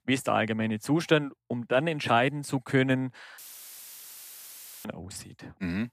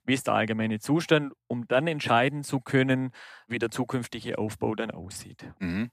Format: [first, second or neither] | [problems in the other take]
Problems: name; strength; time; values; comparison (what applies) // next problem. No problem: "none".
second | audio cutting out; filled with static; at 3.5 s for 1.5 s